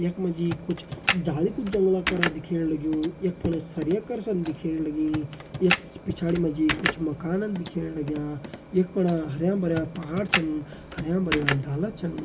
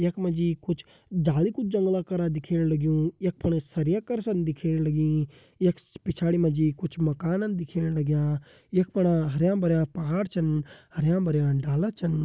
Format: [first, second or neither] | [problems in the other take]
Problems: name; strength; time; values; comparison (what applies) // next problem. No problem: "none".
second | background sound (Computer keyboard); 7 dB below the speech // room echo; dies away in 0.9 s